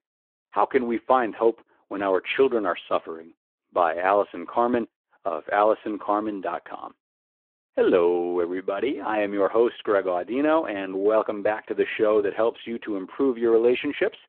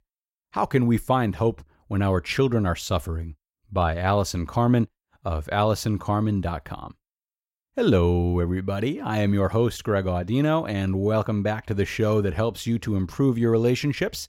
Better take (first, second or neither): second